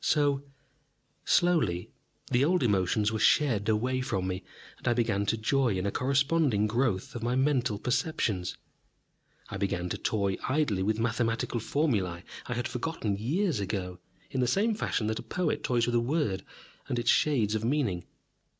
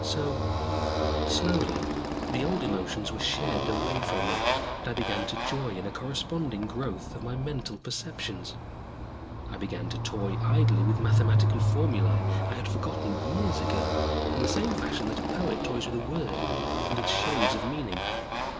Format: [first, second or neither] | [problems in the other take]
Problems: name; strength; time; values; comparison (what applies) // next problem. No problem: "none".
first | background sound (Motorcycle); 5 dB above the speech // room echo; dies away in 2.4 s